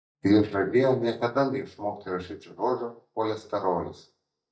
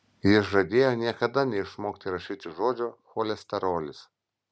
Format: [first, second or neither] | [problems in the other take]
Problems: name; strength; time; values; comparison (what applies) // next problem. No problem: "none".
second | noise reduction (neural mask model DeepFilterNet 3)